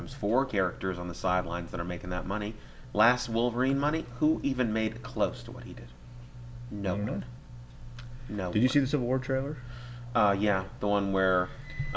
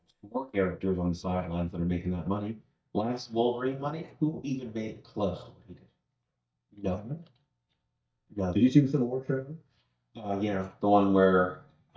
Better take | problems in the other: first | noise reduction (neural mask model DeepFilterNet 3)

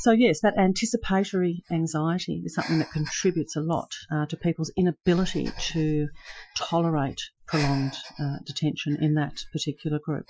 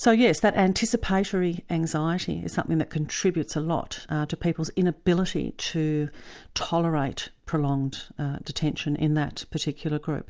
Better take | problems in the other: second | noise reduction (classical method Wiener filter)

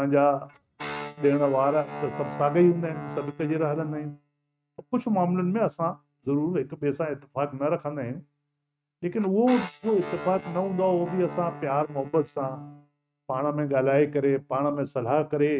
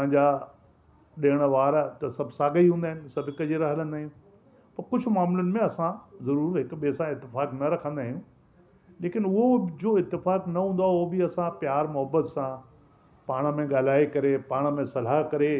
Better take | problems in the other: second | noise reduction (neural mask model RNNoise)

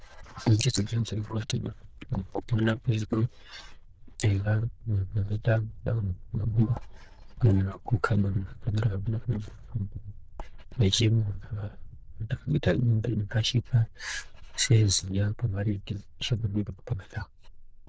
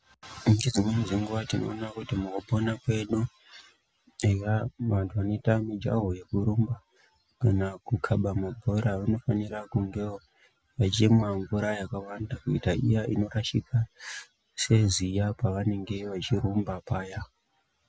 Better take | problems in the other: second | noise reduction (neural diffusion model UNIVERSE++)

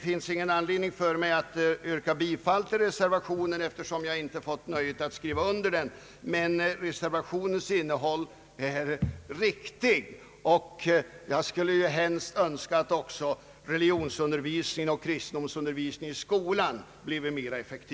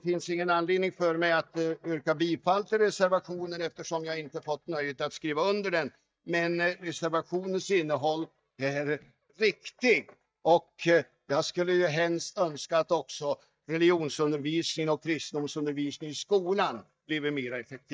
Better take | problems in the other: first | noise reduction (neural mask model DeepFilterNet 3)

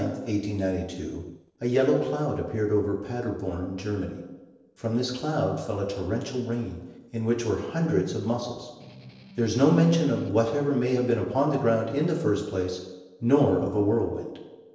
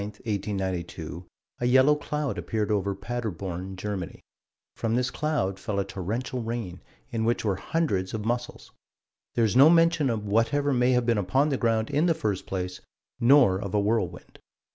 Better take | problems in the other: second | noise reduction (neural separator model SepFormer DNS4)

